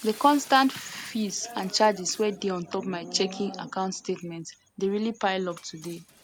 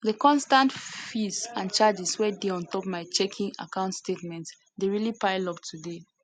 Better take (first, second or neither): second